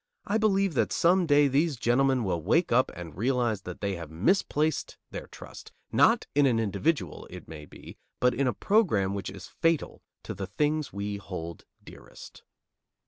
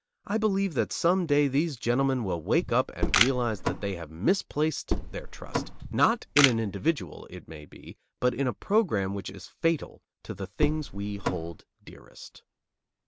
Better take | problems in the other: first | background sound (Camera + Car); 1 dB below the speech

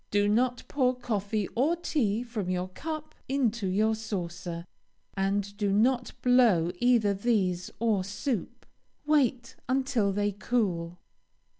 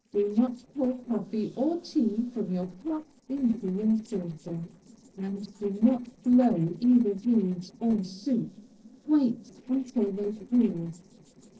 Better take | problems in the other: first | noise reduction (neural separator model SepFormer DNS4)

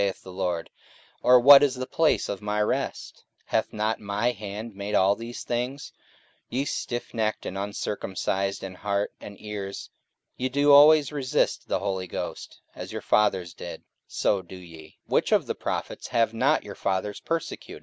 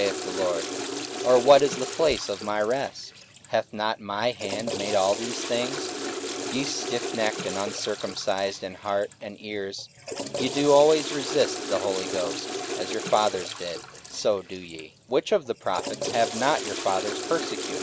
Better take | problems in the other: first | background sound (Toilet flush / Water); 7 dB below the speech

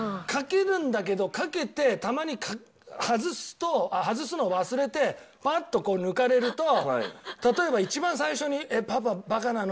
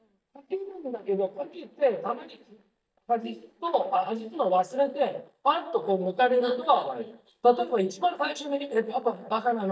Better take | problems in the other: first | noise reduction (neural mask model DeepFilterNet 3)

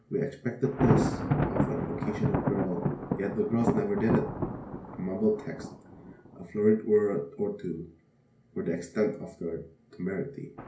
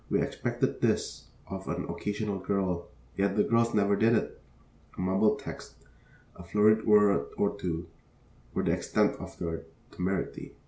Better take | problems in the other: second | background sound (Thunder); 2 dB below the speech // room echo; dies away in 0.3 s

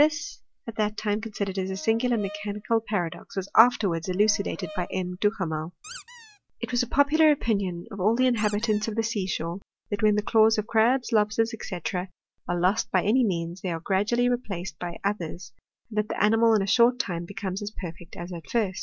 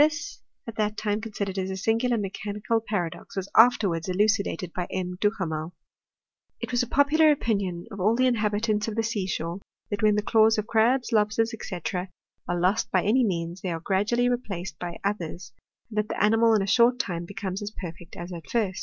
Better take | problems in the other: second | background sound (Squeak + Brass instrument); 19 dB below the speech

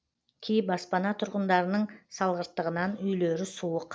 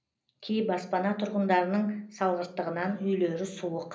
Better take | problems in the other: first | room echo; dies away in 0.5 s

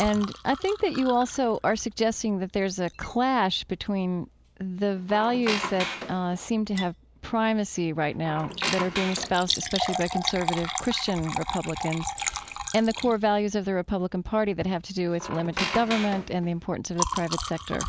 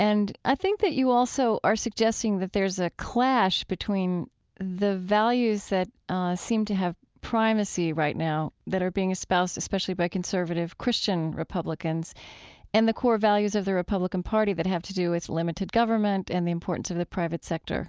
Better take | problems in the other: second | background sound (Liquid + Squeak); 8 dB below the speech

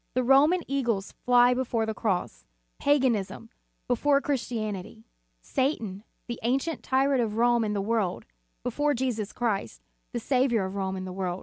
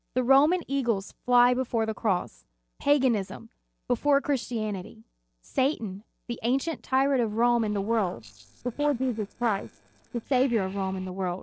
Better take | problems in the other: first | noise reduction (neural separator model SepFormer DNS4)

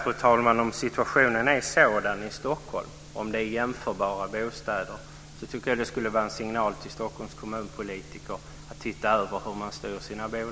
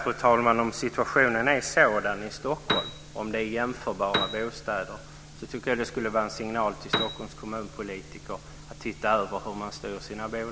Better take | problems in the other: first | background sound (Piano); 5 dB below the speech

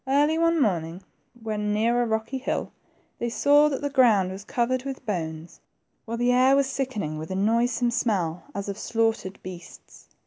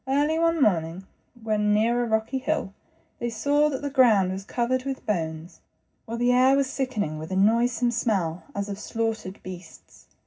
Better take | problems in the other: first | room echo; dies away in 0.4 s

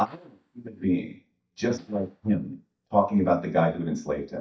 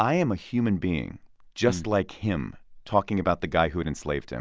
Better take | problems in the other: second | noise reduction (neural mask model DeepFilterNet 3)

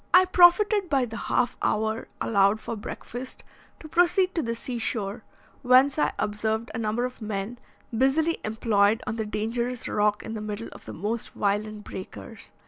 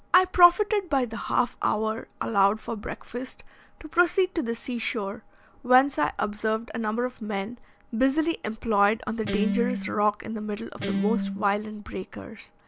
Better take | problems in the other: first | background sound (Guitar); 3 dB below the speech

